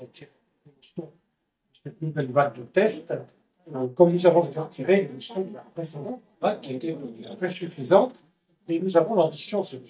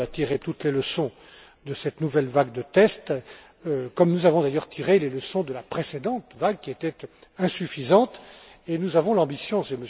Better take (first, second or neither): second